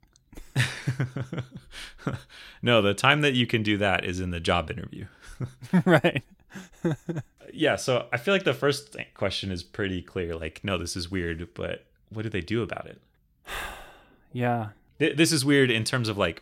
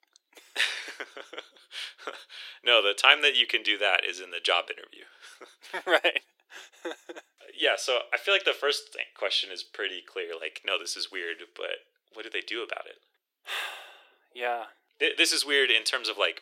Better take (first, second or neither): first